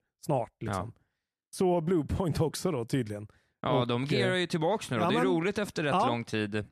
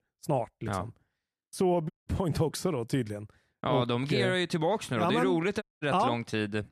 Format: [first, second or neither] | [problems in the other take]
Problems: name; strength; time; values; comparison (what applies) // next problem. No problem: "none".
first | audio cutting out; at 2 s and at 5.5 s